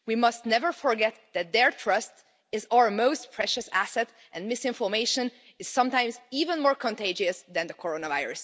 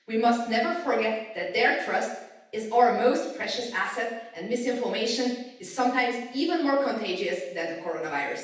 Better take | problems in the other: first | room echo; dies away in 0.9 s

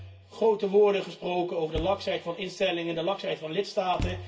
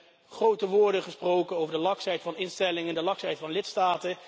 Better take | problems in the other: second | background sound (Thump, thud); 14 dB below the speech // room echo; dies away in 0.2 s

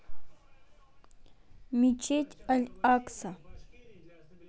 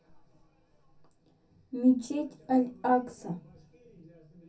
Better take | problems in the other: first | room echo; dies away in 0.3 s

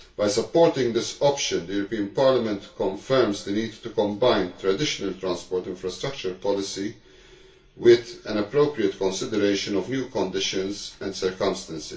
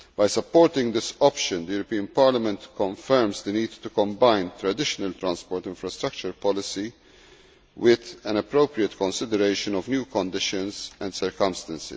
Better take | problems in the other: second | room echo; dies away in 0.3 s

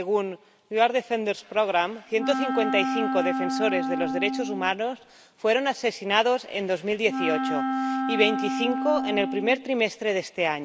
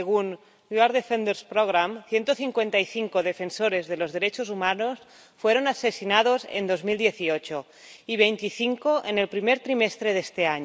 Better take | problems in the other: second | background sound (Wind instrument, woodwind instrument); 3 dB below the speech

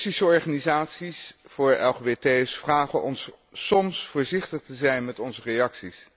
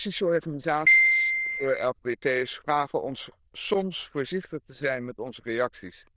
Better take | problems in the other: first | noise reduction (neural diffusion model UNIVERSE++)

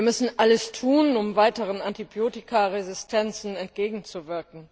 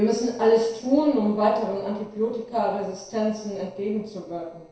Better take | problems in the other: first | noise reduction (neural separator model SepFormer DNS4)

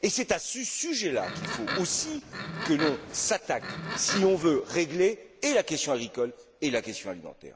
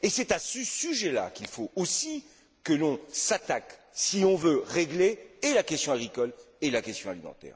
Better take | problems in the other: second | background sound (Livestock, farm animals, working animals); 7 dB below the speech

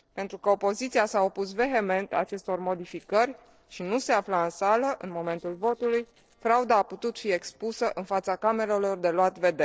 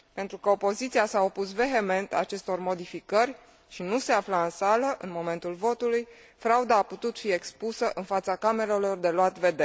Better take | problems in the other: second | noise reduction (neural separator model SepFormer DNS4)

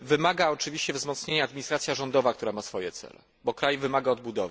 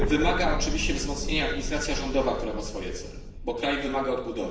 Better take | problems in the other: first | background sound (Explosion); 3 dB below the speech // room echo; dies away in 0.8 s

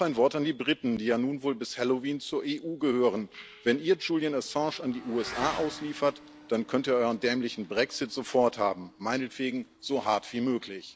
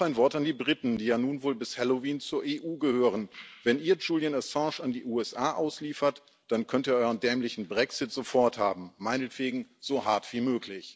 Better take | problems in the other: second | background sound (Motorcycle / Accelerating, revving, vroom); 20 dB below the speech

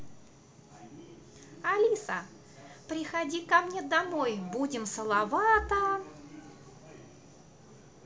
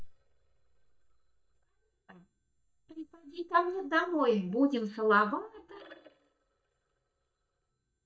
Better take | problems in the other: first | noise reduction (neural mask model DeepFilterNet 3)

